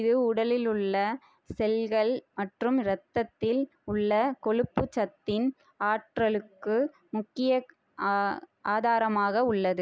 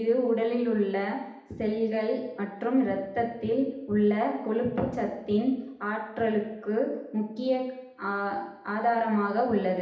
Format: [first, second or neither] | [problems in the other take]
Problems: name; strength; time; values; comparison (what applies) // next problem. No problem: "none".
first | room echo; dies away in 0.8 s